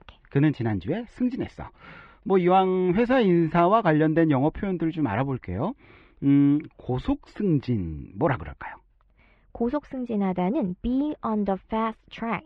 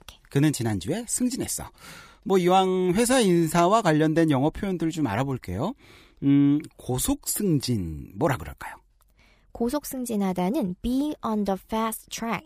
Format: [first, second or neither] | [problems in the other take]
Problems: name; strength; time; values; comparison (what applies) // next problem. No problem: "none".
second | muffled; very; fading above 3 kHz